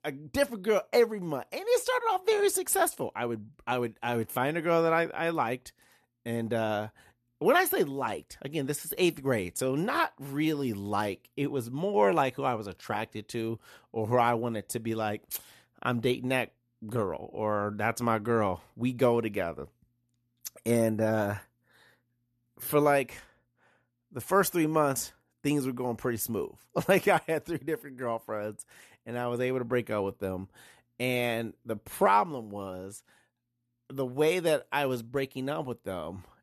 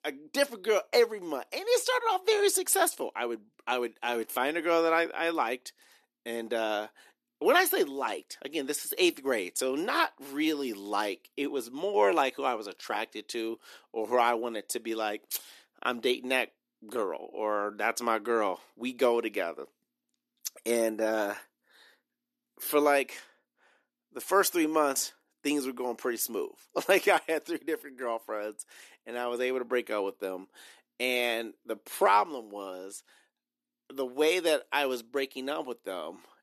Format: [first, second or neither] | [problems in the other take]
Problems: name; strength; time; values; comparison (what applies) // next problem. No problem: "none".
first | thin; very slightly; fading below 300 Hz